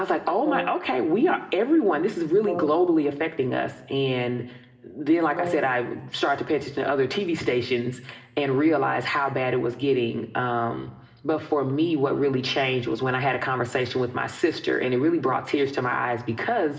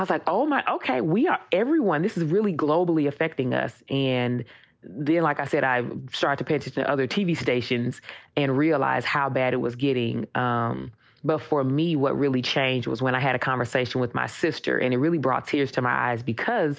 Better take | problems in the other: second | background sound (Brass instrument); 13 dB below the speech // room echo; dies away in 0.8 s

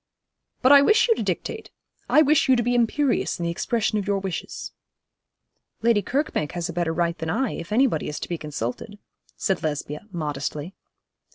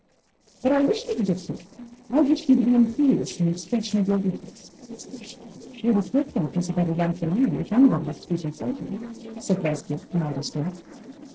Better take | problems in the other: first | noise reduction (neural separator model SepFormer DNS4)

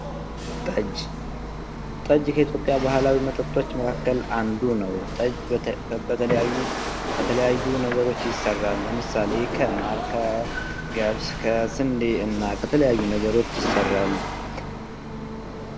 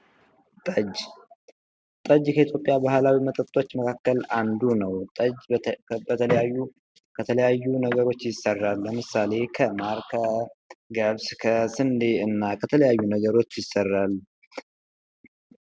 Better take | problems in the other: second | background sound (Rattle / Chatter / Hiss / Engine / Mechanisms); 5 dB below the speech

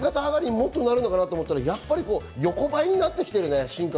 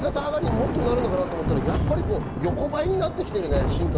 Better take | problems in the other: first | background sound (Thunder); as loud as the speech

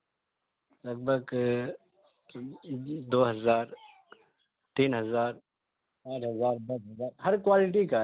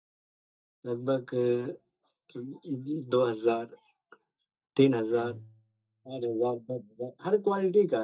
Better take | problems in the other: first | noise reduction (neural mask model DeepFilterNet 3)

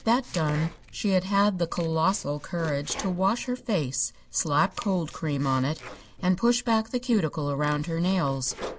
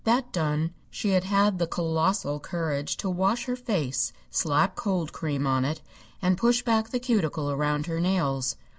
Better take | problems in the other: second | background sound (Domestic sounds, home sounds); 18 dB below the speech

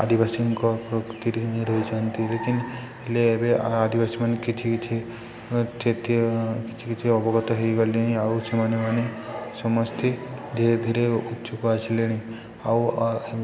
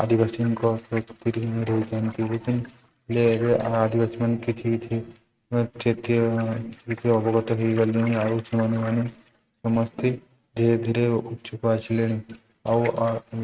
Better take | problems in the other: first | noise reduction (neural mask model RNNoise)

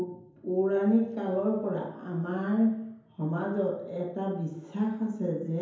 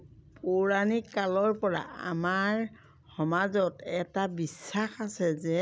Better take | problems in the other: second | room echo; dies away in 0.9 s

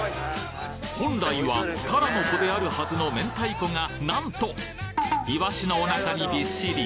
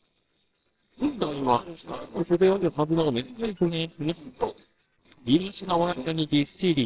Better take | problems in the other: first | noise reduction (neural separator model SepFormer WHAMR!)

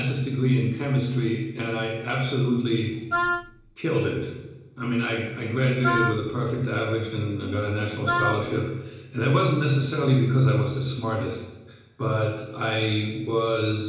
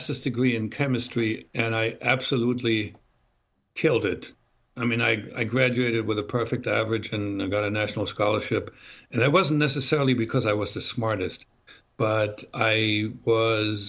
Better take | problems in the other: second | background sound (Wind instrument, woodwind instrument); 3 dB below the speech // room echo; dies away in 1 s

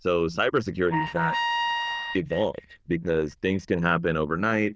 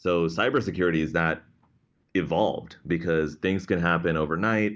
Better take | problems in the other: second | noise reduction (neural diffusion model UNIVERSE++)

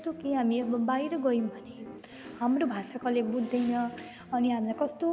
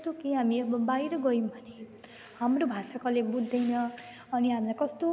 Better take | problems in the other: second | background sound (Piano); 18 dB below the speech

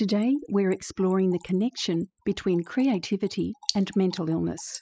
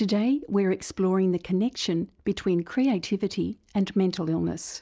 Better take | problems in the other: second | noise reduction (classical method spectral subtraction)

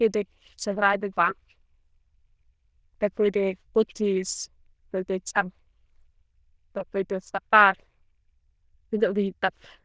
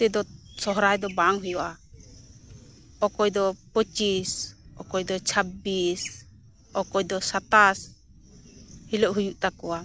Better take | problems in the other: second | noise reduction (neural diffusion model UNIVERSE++)

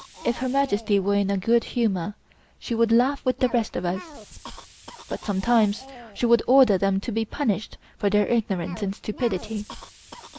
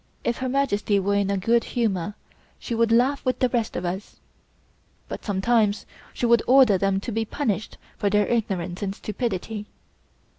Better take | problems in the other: second | background sound (Cough); 20 dB below the speech

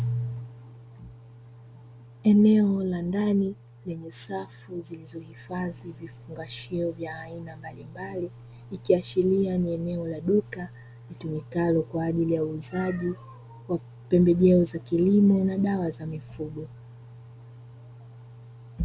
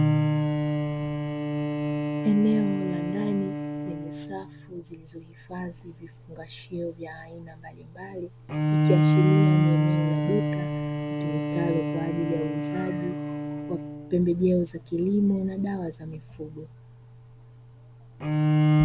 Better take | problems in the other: first | background sound (Bowed string instrument); 3 dB above the speech

